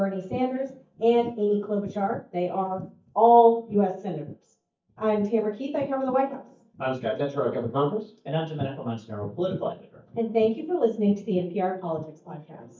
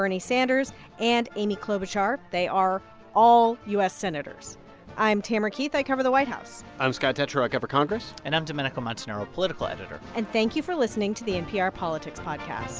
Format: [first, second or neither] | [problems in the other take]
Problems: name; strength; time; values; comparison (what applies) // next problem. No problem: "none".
second | noise reduction (neural mask model DeepFilterNet 3)